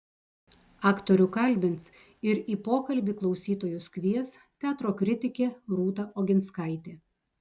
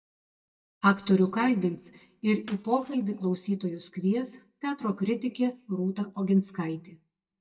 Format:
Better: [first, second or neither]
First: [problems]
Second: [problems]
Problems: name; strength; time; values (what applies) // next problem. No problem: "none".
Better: first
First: none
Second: noise reduction (neural mask model DeepFilterNet 3)